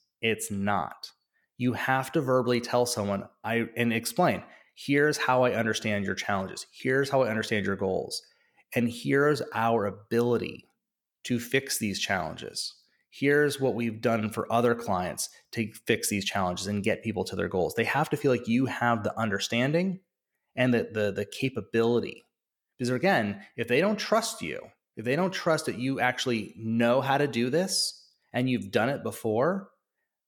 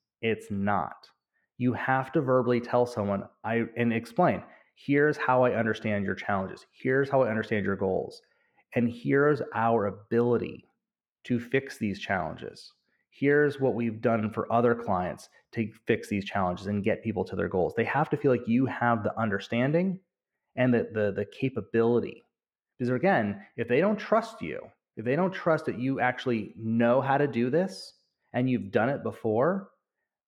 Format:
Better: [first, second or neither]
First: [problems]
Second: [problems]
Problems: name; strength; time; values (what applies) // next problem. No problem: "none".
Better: first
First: none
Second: muffled; very; fading above 3.5 kHz